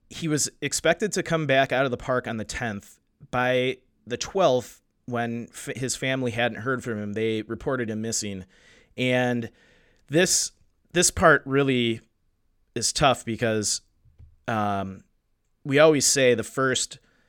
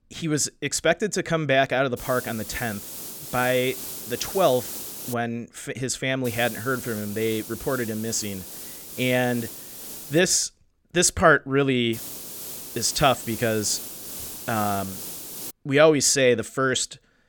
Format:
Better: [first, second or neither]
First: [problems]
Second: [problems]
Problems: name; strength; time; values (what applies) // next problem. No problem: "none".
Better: first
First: none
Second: hiss; noticeable; from 2 to 5 s, from 6.5 to 10 s and from 12 to 16 s; 10 dB below the speech